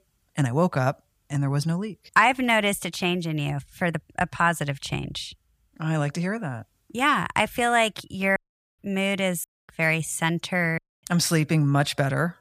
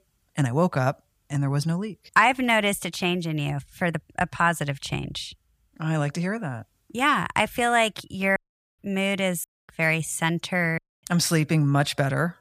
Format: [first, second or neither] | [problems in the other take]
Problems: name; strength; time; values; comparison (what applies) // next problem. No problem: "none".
neither | audio cutting out; at 8.5 s, at 9.5 s and at 11 s; the same in both